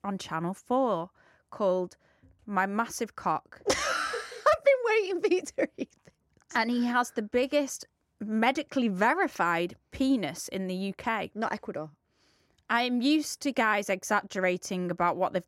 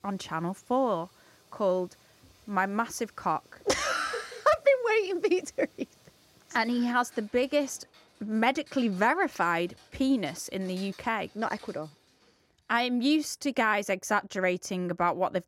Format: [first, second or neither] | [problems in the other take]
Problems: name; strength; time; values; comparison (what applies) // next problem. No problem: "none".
first | rain or running water; faint; until 12 s; 30 dB below the speech